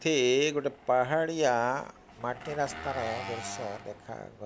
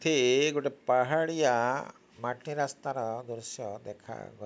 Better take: second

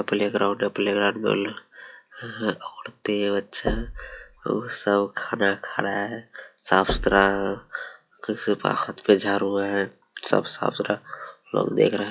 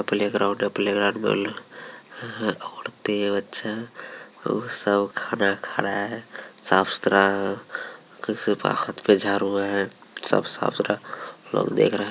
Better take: second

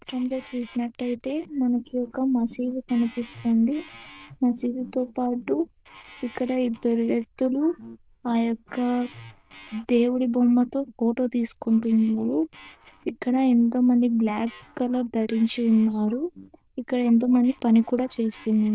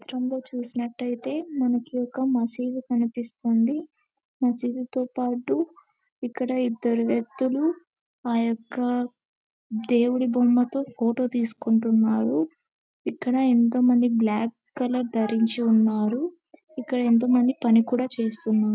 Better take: second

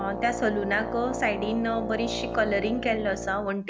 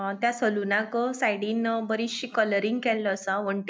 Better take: second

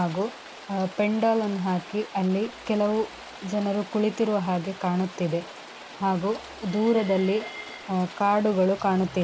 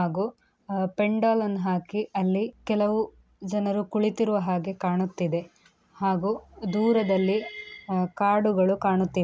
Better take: second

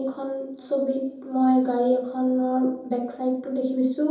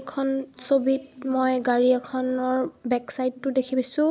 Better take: second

